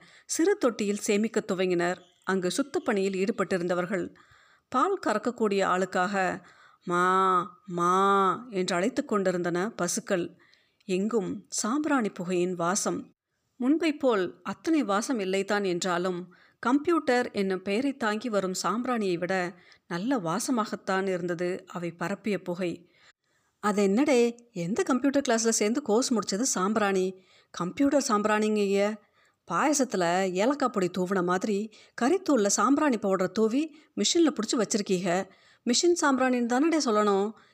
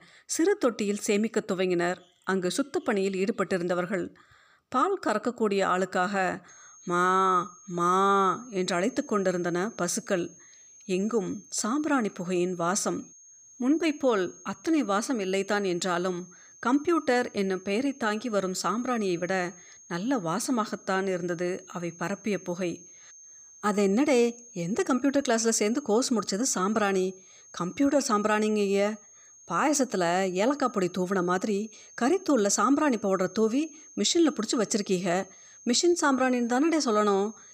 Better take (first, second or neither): first